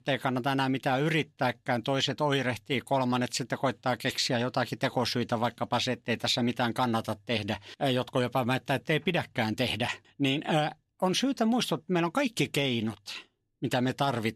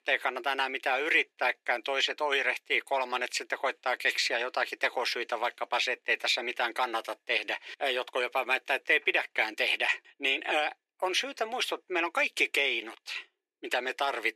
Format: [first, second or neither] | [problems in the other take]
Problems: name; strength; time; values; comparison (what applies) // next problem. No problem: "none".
first | thin; very; fading below 350 Hz